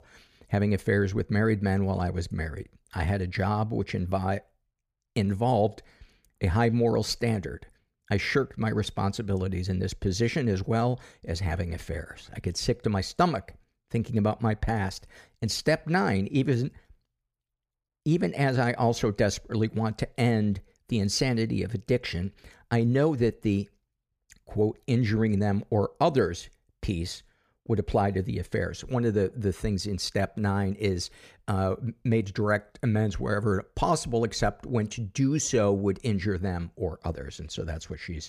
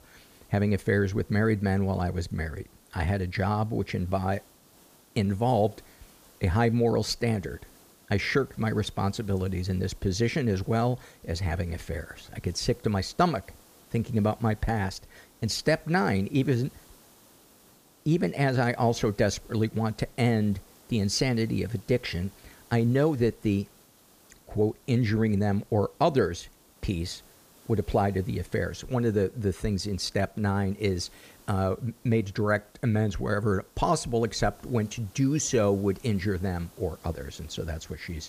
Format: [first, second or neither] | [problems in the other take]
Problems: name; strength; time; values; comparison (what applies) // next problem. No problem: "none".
first | hiss; faint; throughout; 25 dB below the speech